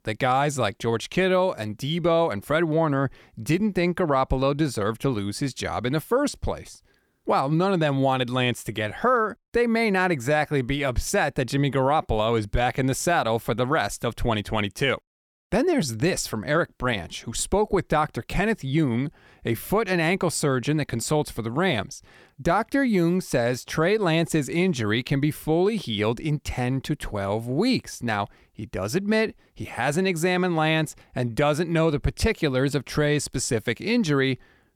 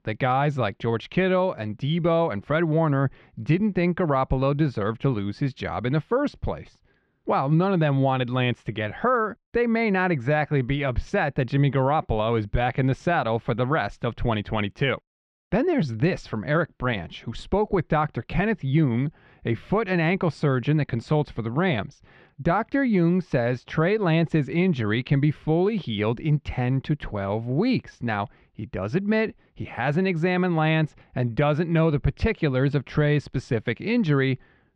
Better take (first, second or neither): first